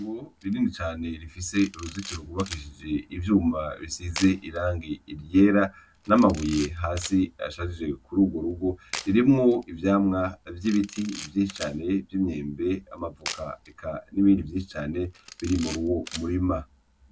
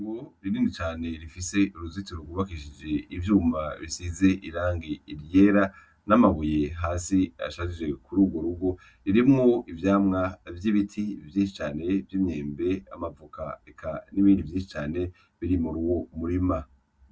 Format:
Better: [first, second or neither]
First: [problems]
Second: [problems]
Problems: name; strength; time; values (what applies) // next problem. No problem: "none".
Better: second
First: background sound (Camera); 18 dB below the speech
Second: none